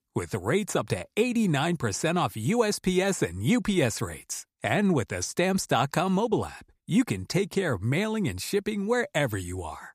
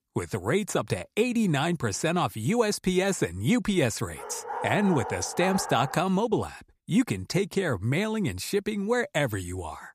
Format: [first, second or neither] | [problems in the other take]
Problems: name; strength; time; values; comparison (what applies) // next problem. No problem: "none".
first | dog barking; noticeable; from 4 to 6 s; peak 6 dB below the speech